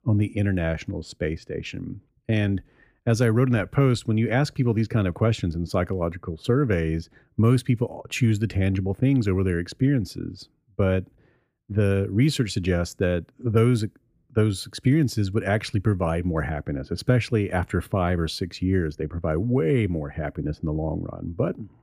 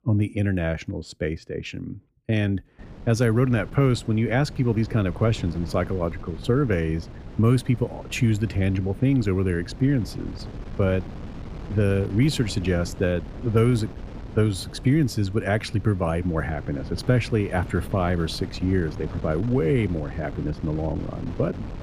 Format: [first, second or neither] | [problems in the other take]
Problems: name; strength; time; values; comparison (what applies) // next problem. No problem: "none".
first | wind noise on the microphone; occasional gusts; from 3 s on; 15 dB below the speech